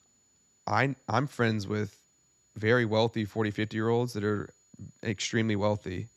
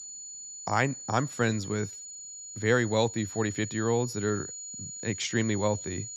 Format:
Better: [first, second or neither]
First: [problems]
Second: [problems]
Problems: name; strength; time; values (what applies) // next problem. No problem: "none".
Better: first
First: high-pitched whine; faint; throughout; 7 kHz, 35 dB below the speech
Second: high-pitched whine; loud; throughout; 7 kHz, 9 dB below the speech